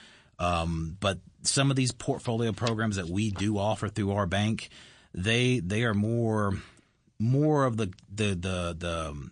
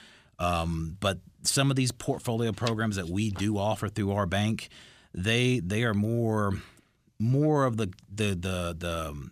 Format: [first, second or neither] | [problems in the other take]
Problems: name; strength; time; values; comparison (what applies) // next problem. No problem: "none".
second | garbled, watery; slightly; nothing above 9.5 kHz